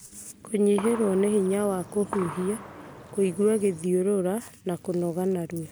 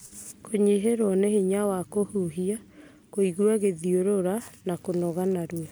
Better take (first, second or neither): second